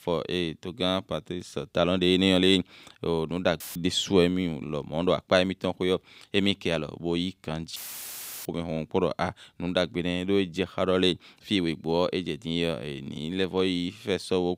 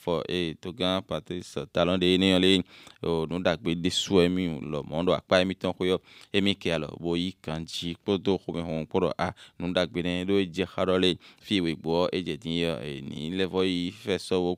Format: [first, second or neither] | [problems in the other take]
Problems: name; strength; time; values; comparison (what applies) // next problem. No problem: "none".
second | audio cutting out; filled with static; at 3.5 s and at 8 s for 0.5 s